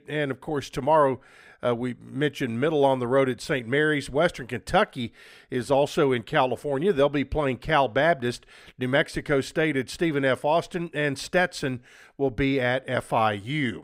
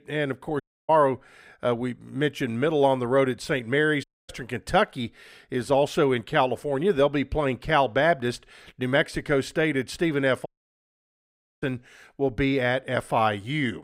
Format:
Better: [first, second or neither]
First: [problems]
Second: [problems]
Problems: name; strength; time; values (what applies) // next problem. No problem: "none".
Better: first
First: none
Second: audio cutting out; at 0.5 s, at 4 s and at 10 s for 1 s